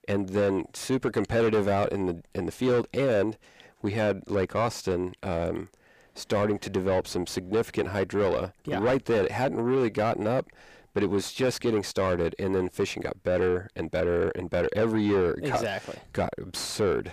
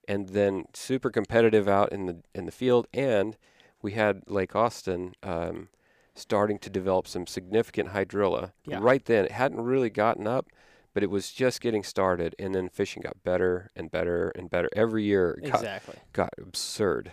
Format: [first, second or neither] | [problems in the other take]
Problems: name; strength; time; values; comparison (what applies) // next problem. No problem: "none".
second | distortion; heavy; 7 dB below the speech